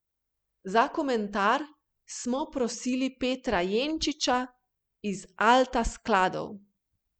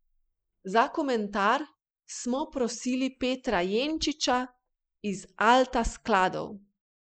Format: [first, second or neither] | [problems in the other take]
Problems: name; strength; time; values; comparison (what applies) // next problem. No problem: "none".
first | noise reduction (neural mask model Resemble Enhance denoiser)